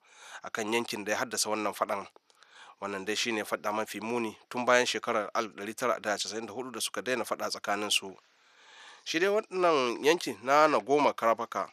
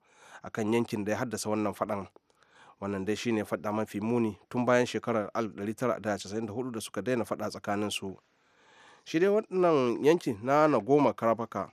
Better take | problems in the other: second | thin; somewhat; fading below 1 kHz

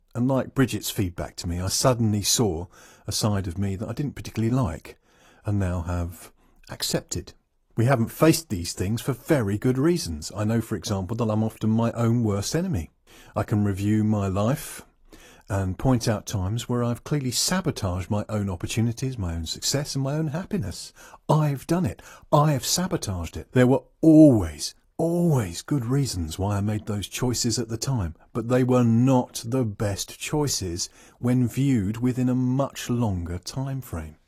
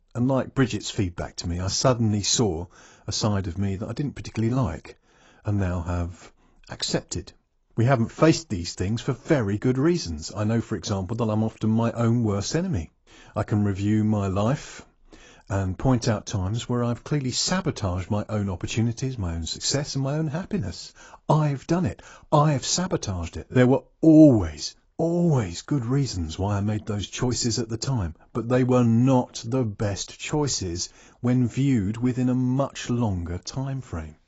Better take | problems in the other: first | garbled, watery; badly; nothing above 7.5 kHz; slightly in the first

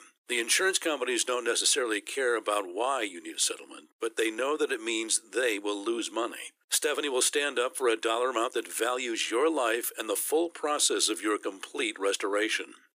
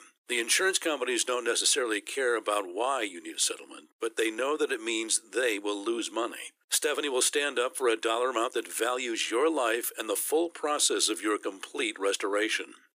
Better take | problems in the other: neither | thin; very; fading below 350 Hz; the same in both

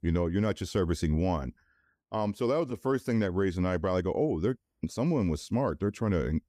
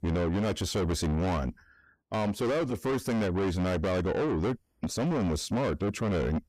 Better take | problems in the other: first | distortion; heavy; 6 dB below the speech

